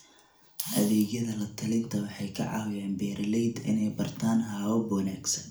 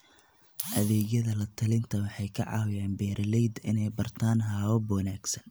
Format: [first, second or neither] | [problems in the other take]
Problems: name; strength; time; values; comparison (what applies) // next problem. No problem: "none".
second | room echo; dies away in 0.4 s